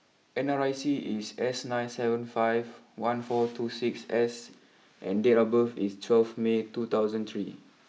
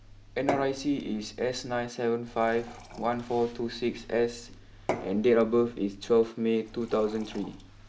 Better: first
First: none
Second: background sound (Fill (with liquid) / Glass / Water); 13 dB below the speech

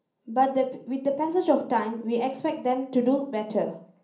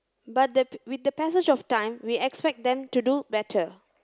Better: second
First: room echo; dies away in 0.6 s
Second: none

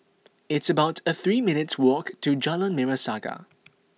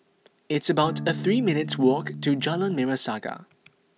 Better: first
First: none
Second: background sound (Electric guitar / Strum); 8 dB below the speech

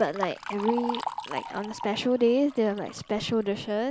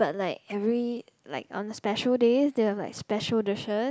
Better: second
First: background sound (Liquid); 10 dB below the speech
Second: none

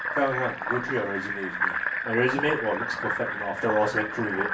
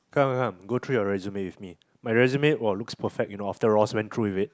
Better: second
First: background sound (Fill (with liquid)); 2 dB below the speech // room echo; dies away in 0.3 s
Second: none

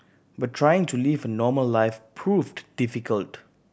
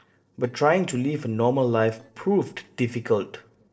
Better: first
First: none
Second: noise reduction (neural separator model SepFormer DNS4)

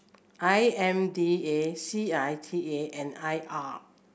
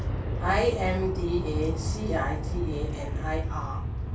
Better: first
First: none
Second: background sound (Aircraft); 1 dB above the speech // room echo; dies away in 0.2 s

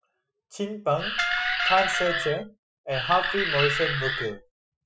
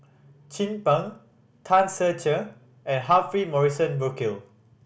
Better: second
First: noise reduction (classical method Wiener filter)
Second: none

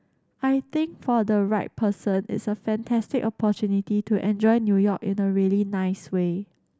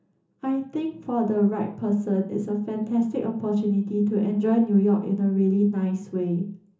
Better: first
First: none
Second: room echo; dies away in 0.8 s

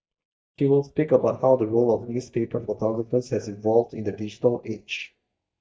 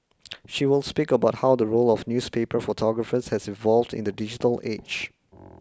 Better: second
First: noise reduction (neural mask model DeepFilterNet 3)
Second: none

